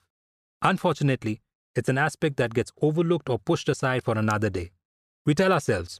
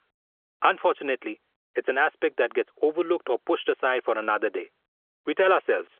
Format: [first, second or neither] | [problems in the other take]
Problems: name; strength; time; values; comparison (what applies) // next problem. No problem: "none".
first | phone-call audio; nothing above 3.5 kHz